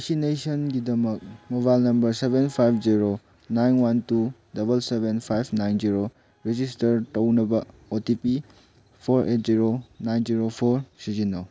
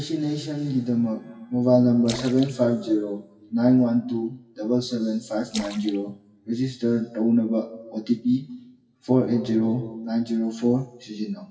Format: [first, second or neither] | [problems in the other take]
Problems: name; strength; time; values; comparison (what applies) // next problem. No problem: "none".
first | noise reduction (classical method WPE with log-MMSE)